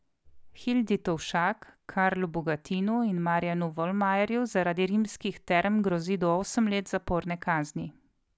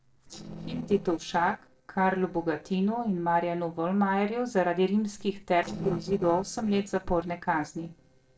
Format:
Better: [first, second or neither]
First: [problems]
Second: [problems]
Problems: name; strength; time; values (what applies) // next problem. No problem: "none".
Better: first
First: none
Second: noise reduction (neural separator model SepFormer DNS4)